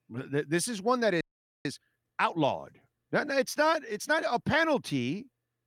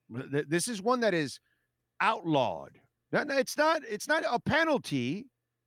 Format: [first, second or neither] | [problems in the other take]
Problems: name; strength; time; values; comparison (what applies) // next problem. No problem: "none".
second | audio freezing; at 1 s